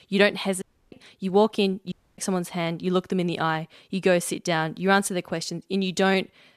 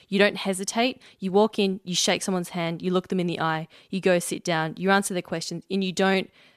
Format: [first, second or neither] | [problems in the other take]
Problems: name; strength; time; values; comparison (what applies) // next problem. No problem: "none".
second | audio cutting out; at 0.5 s and at 2 s